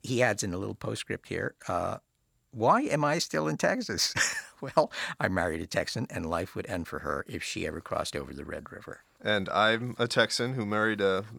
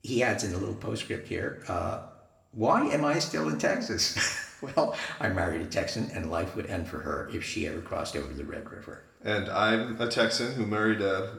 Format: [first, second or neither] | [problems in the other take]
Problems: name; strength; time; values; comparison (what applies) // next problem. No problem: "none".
first | room echo; slight; dies away in 0.6 s // off-mic speech; somewhat distant